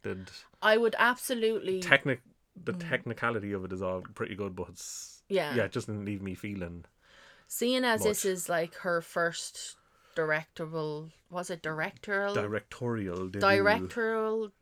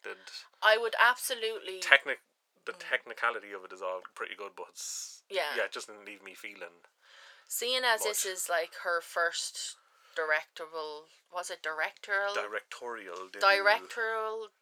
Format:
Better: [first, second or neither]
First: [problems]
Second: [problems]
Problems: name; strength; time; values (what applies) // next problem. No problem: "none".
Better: first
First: none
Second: thin; very; fading below 600 Hz